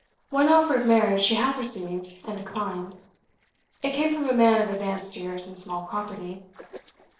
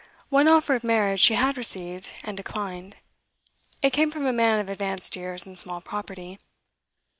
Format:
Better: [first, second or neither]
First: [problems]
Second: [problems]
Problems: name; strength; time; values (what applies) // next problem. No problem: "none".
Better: second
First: noise reduction (neural separator model SepFormer DNS4)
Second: none